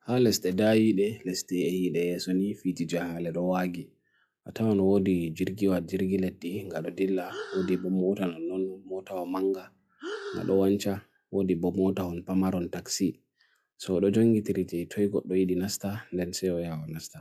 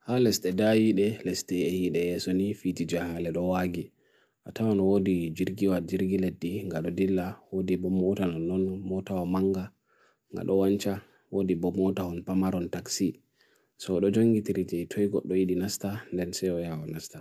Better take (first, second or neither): second